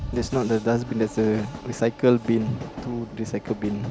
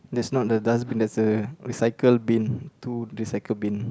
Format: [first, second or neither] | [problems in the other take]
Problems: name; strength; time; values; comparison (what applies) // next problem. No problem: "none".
second | background sound (Train); 13 dB below the speech